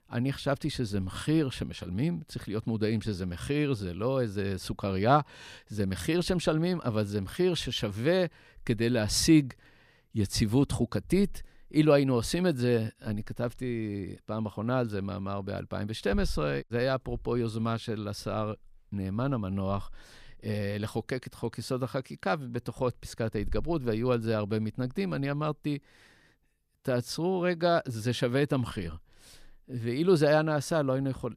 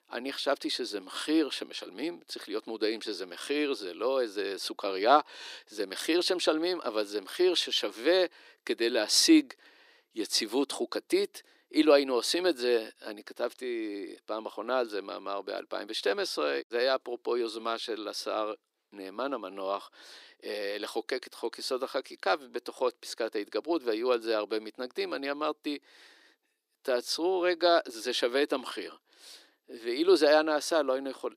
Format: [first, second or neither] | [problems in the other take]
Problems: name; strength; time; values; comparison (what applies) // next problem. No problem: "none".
first | thin; somewhat; fading below 300 Hz